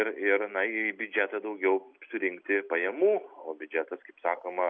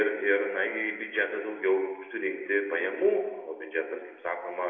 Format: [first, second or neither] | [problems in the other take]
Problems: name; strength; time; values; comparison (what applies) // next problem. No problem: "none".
first | room echo; dies away in 1.2 s